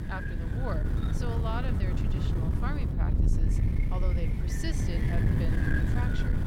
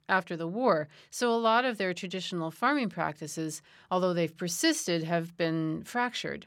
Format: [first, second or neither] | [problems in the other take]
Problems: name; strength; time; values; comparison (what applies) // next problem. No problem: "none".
second | wind noise on the microphone; heavy; 2 dB above the speech